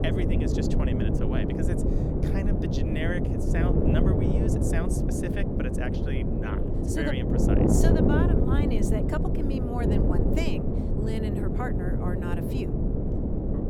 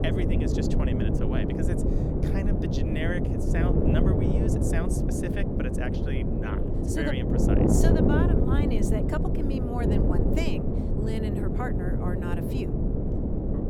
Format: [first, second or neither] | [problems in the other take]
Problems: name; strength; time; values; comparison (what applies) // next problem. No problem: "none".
neither | wind noise on the microphone; heavy; 4 dB above the speech; the same in both